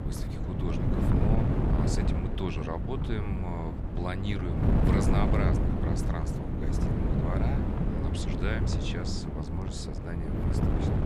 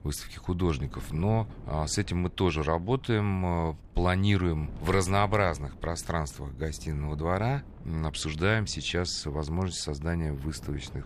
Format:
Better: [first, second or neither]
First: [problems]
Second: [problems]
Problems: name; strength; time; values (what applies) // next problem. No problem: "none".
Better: second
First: wind noise on the microphone; heavy; 2 dB above the speech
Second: wind noise on the microphone; occasional gusts; 25 dB below the speech